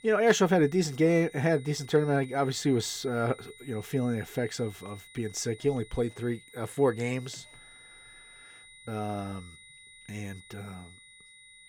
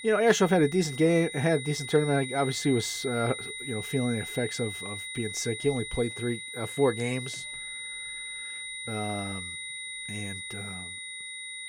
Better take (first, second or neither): first